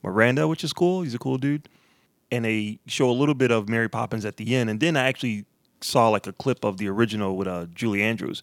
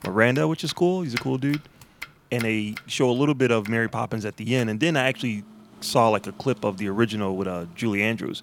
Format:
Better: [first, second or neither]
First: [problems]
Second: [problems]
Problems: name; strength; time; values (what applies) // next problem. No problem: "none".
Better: first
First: none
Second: household noises; noticeable; throughout; 15 dB below the speech